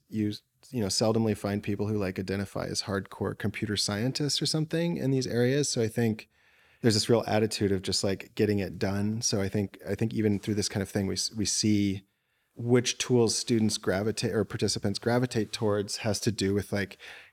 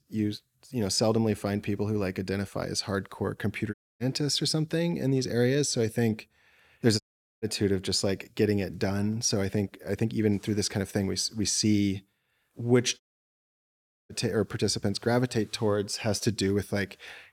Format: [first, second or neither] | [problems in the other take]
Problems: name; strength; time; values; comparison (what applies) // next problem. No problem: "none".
first | audio cutting out; at 3.5 s, at 7 s and at 13 s for 1 s